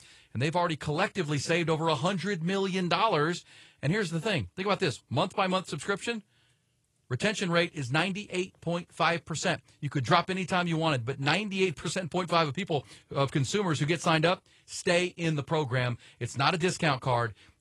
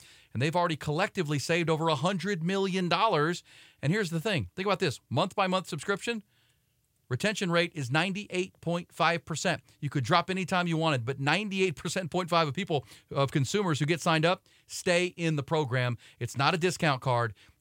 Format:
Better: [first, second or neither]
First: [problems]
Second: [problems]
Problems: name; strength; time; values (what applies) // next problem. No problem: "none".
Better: second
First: garbled, watery; slightly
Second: none